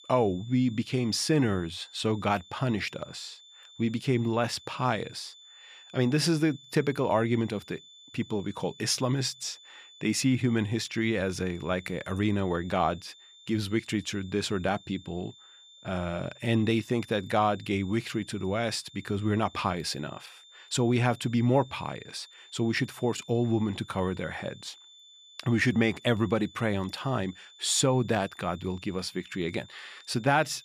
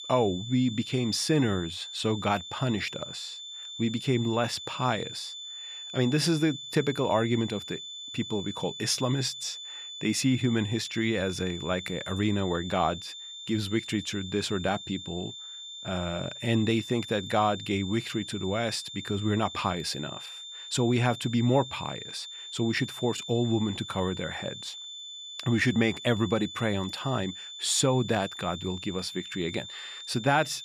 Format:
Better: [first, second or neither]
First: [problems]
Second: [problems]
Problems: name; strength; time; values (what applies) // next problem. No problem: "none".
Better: first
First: high-pitched whine; faint; throughout; 3.5 kHz, 20 dB below the speech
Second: high-pitched whine; loud; throughout; 3.5 kHz, 10 dB below the speech